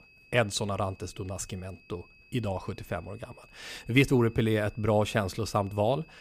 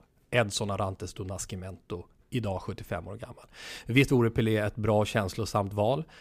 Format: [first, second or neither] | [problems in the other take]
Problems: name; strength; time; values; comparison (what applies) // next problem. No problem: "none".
second | high-pitched whine; faint; throughout; 2.5 kHz, 25 dB below the speech